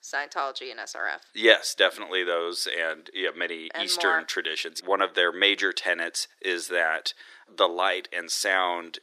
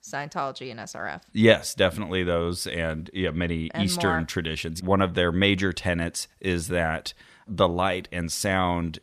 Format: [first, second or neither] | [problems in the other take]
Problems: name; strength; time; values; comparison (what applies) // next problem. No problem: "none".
second | thin; very; fading below 350 Hz